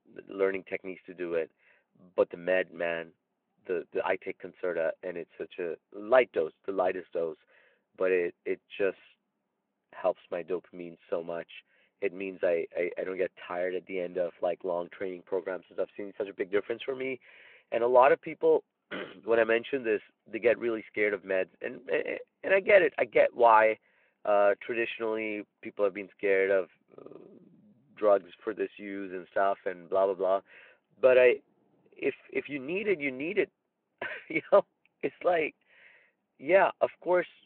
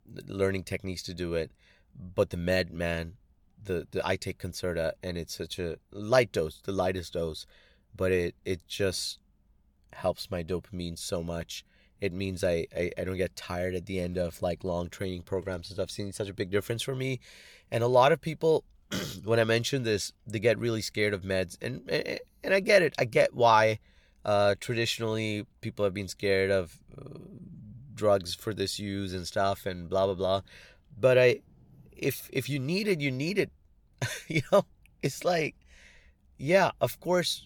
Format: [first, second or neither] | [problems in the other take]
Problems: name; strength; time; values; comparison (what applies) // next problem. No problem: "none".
second | phone-call audio